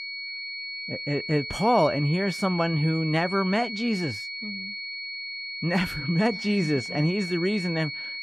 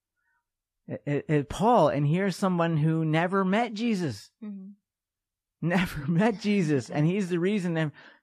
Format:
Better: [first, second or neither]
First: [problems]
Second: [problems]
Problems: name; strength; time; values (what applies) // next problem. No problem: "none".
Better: second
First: high-pitched whine; loud; throughout; 2 kHz, 7 dB below the speech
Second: none